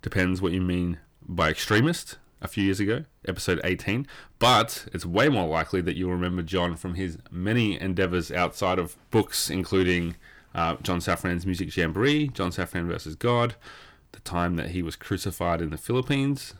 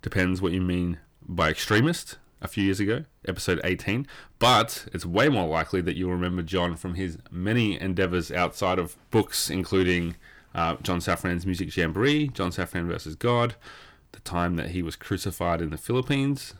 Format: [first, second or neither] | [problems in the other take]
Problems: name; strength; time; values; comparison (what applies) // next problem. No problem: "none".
neither | distortion; slight; 10 dB below the speech; the same in both